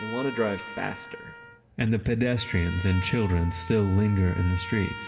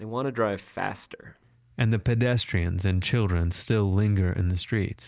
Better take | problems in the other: second | background sound (Trumpet); 14 dB below the speech // room echo; dies away in 1.9 s

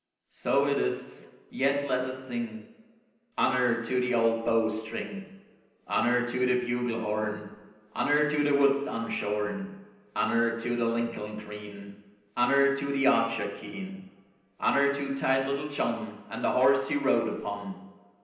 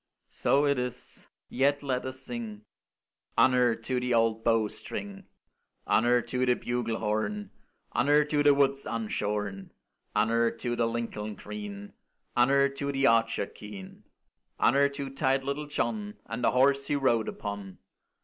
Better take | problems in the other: second | room echo; dies away in 0.9 s

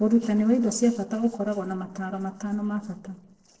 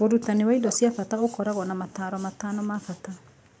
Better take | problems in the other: second | noise reduction (neural separator model SepFormer DNS4)

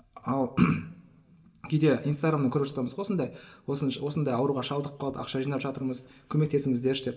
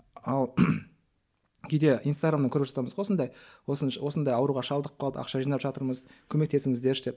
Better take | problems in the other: second | room echo; dies away in 0.8 s

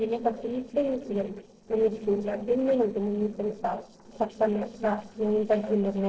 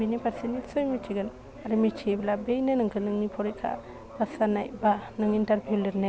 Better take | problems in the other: second | noise reduction (neural separator model SepFormer DNS4)

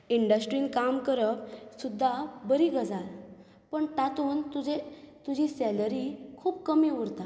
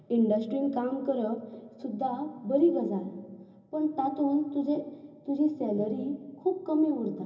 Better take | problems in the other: first | room echo; dies away in 0.4 s

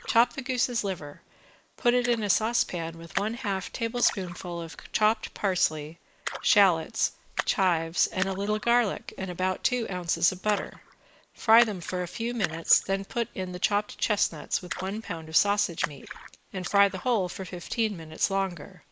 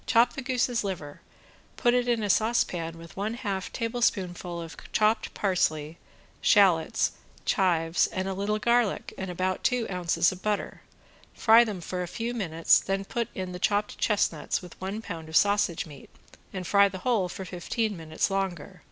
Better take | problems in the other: second | noise reduction (neural mask model Resemble Enhance denoiser)

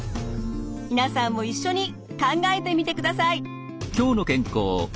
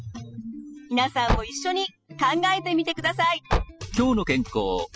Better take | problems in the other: first | noise reduction (classical method spectral subtraction)

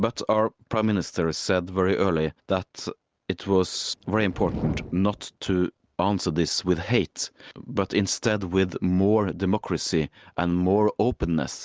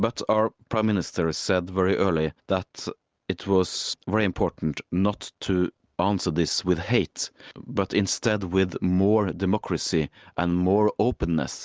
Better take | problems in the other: second | background sound (Fire); 11 dB below the speech

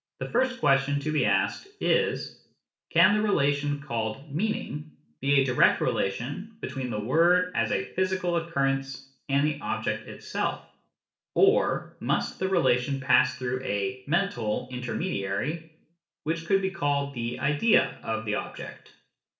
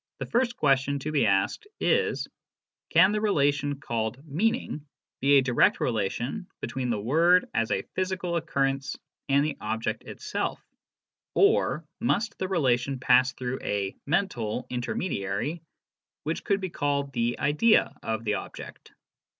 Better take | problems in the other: second | room echo; dies away in 0.5 s

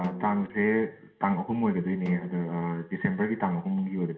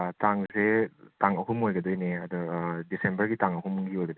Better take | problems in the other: second | background sound (Snare drum); 14 dB below the speech // room echo; dies away in 0.7 s

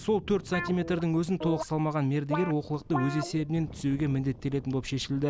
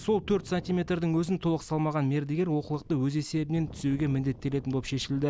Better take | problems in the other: second | background sound (Guitar); 10 dB below the speech

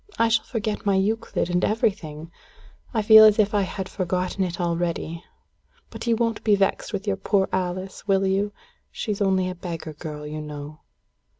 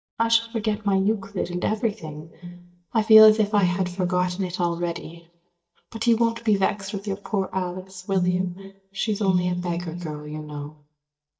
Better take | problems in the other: first | noise reduction (neural mask model DeepFilterNet 3)

